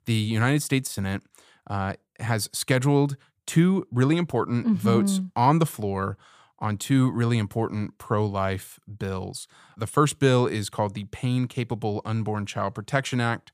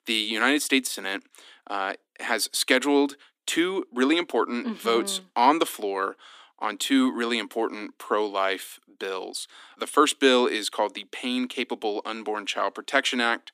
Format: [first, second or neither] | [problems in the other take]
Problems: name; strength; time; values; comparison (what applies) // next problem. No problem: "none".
first | thin; somewhat; fading below 250 Hz